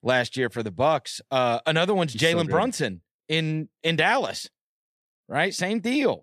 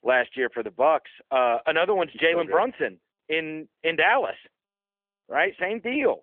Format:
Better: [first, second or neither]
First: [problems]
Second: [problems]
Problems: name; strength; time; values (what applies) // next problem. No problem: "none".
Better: first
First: none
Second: phone-call audio; nothing above 3.5 kHz